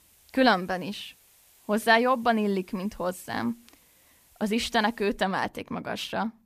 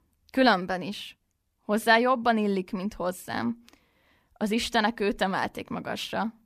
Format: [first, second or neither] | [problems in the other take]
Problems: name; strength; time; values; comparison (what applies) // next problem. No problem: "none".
second | hiss; faint; until 5 s; 30 dB below the speech